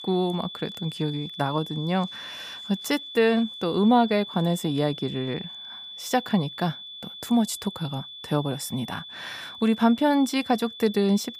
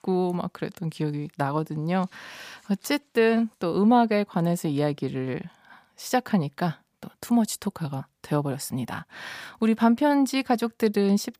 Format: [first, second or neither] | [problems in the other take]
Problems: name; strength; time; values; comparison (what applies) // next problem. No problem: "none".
second | high-pitched whine; noticeable; throughout; 3.5 kHz, 10 dB below the speech